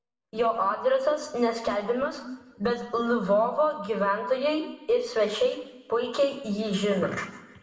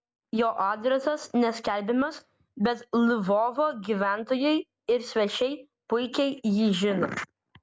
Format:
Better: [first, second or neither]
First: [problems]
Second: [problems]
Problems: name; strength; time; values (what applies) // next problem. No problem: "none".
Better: second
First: room echo; dies away in 0.8 s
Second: none